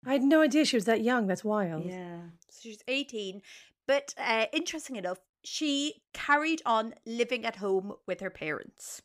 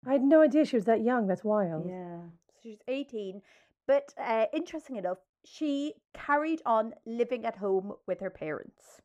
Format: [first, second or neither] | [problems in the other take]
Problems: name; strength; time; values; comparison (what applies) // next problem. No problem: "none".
first | muffled; very; fading above 2 kHz